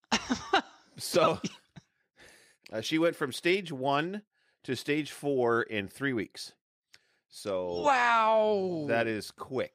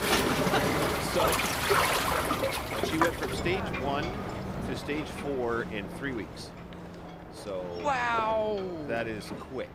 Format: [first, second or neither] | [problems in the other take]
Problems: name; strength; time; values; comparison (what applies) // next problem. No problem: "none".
first | rain or running water; very loud; throughout; 3 dB above the speech